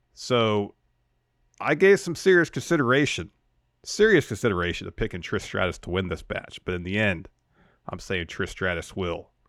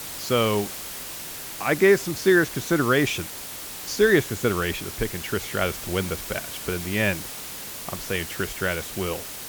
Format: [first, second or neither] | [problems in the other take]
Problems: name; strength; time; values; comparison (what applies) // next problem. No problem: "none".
first | hiss; loud; throughout; 9 dB below the speech